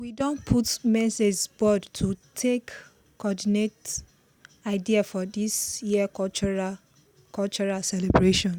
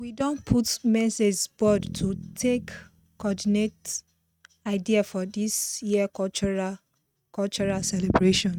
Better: first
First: none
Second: noise reduction (neural mask model RNNoise)

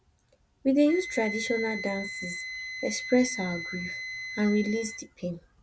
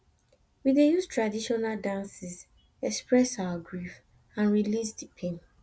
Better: second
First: background sound (Wind instrument, woodwind instrument); 9 dB below the speech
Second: none

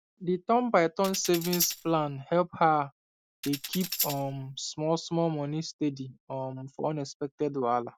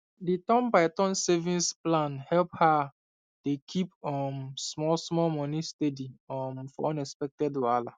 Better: second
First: background sound (Tambourine); 7 dB below the speech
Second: none

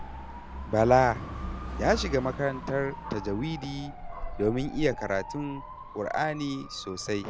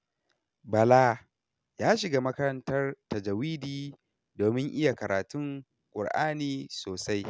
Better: second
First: background sound (Motorcycle / Dog); 9 dB below the speech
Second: none

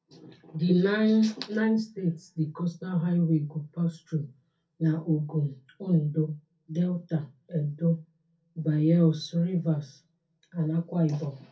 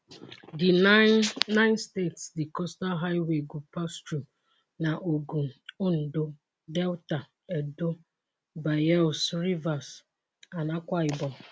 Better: second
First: room echo; dies away in 0.3 s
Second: none

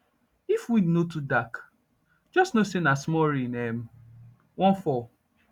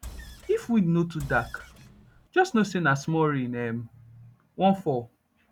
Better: first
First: none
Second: background sound (Engine); 17 dB below the speech

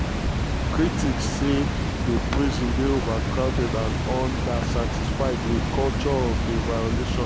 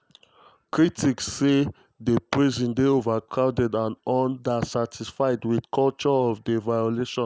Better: second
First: background sound (Water); 3 dB above the speech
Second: none

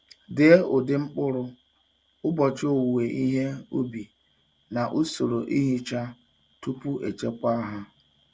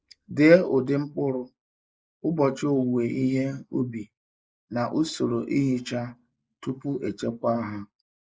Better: first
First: none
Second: noise reduction (neural mask model Resemble Enhance denoiser)

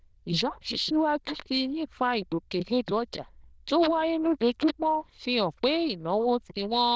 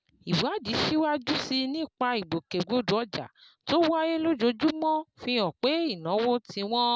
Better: second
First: noise reduction (neural diffusion model UNIVERSE++)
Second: none

